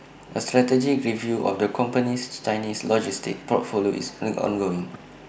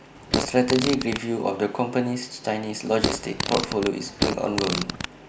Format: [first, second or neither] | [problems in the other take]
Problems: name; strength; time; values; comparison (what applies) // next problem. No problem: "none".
first | background sound (Fart); 3 dB below the speech